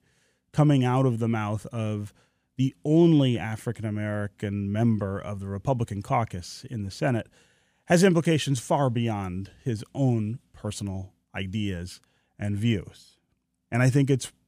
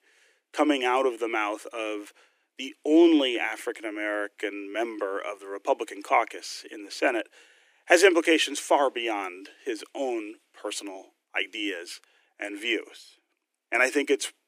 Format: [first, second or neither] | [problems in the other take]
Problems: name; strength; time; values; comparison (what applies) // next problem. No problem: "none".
first | thin; very; fading below 300 Hz